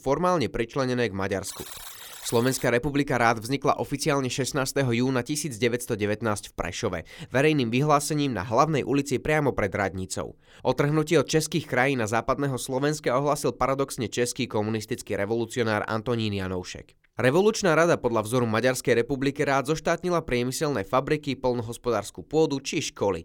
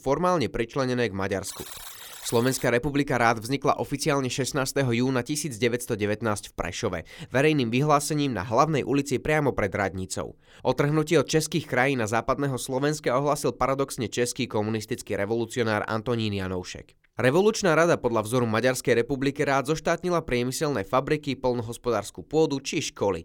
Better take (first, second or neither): neither